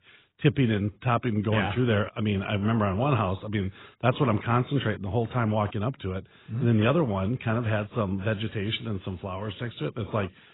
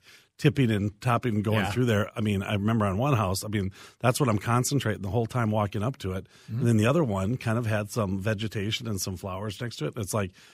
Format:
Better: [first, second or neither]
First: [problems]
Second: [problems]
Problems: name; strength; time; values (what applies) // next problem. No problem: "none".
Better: second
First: garbled, watery; badly; nothing above 3.5 kHz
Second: none